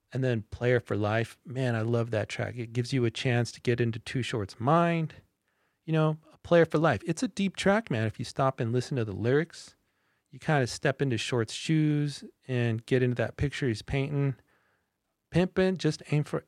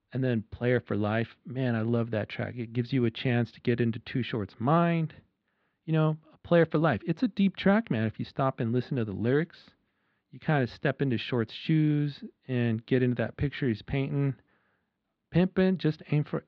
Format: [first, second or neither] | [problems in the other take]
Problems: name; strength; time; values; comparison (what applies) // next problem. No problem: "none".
first | muffled; slightly; fading above 4 kHz